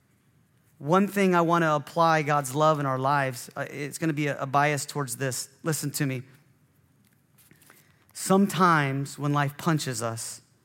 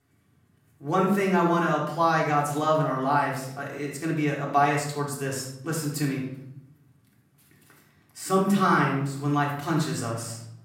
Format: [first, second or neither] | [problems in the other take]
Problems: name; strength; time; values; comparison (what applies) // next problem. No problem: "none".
first | off-mic speech; far // room echo; noticeable; dies away in 0.7 s